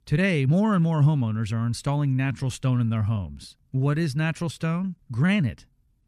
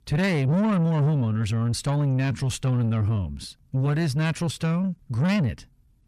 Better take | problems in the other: first | distortion; slight; 10 dB below the speech

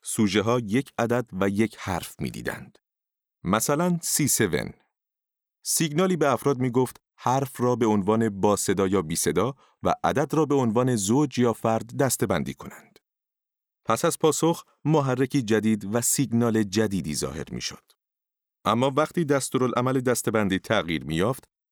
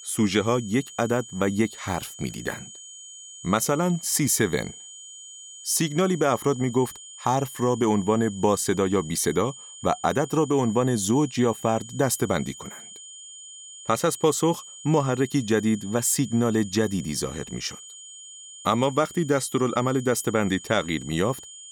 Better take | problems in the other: first | high-pitched whine; noticeable; throughout; 7 kHz, 15 dB below the speech

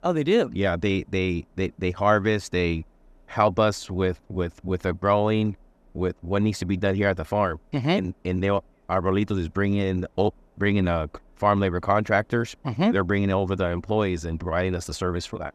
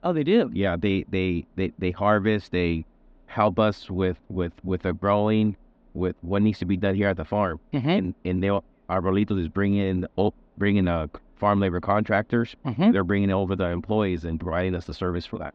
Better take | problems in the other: first | muffled; very slightly; fading above 4 kHz

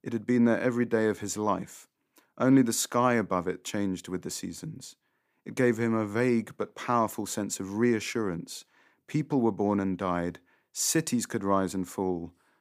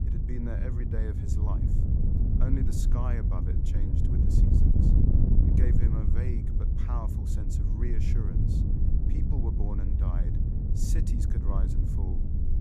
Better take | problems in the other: first | wind noise on the microphone; heavy; 3 dB above the speech

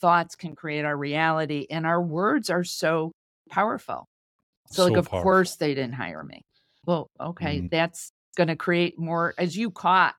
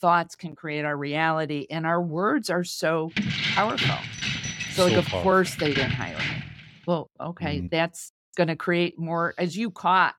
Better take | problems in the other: first | jangling keys; loud; from 3 to 6.5 s; peak 1 dB above the speech

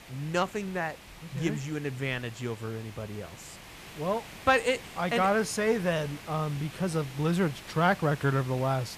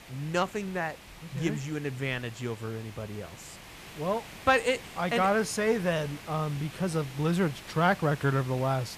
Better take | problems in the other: neither | hiss; noticeable; throughout; 15 dB below the speech; the same in both

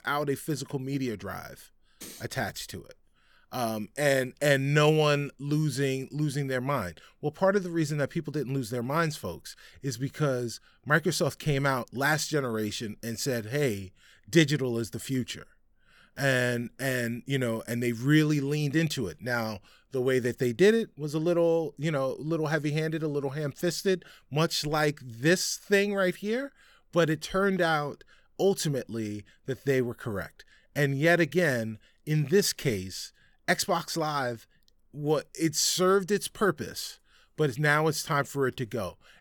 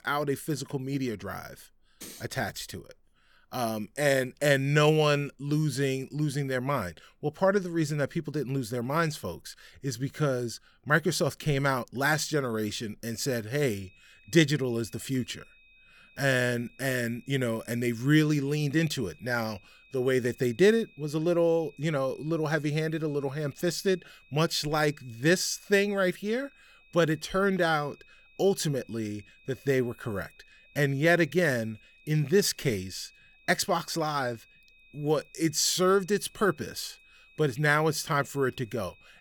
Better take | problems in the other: first | high-pitched whine; faint; from 14 s on; 2.5 kHz, 30 dB below the speech

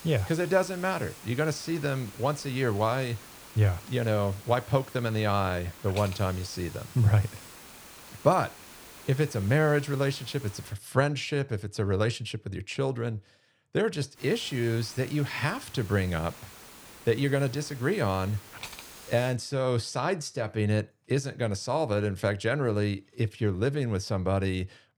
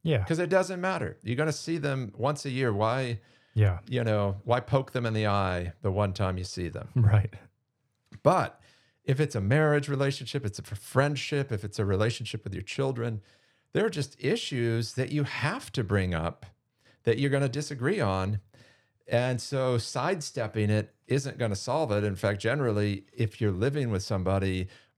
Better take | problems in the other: second | hiss; noticeable; until 11 s and from 14 to 19 s; 15 dB below the speech

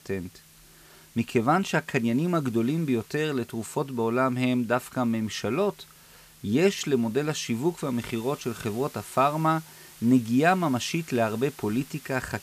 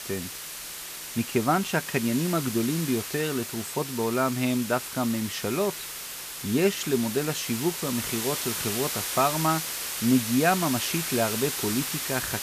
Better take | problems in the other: first | hiss; loud; throughout; 4 dB below the speech; faint in the first

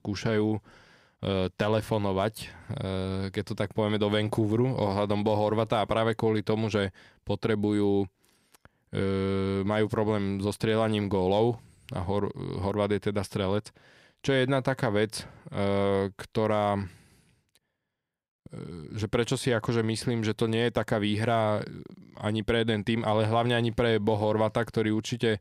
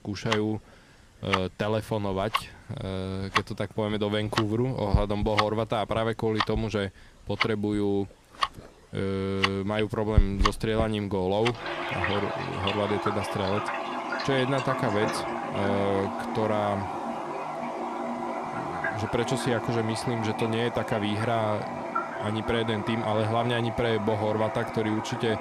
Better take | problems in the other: first | household noises; loud; throughout; 3 dB below the speech

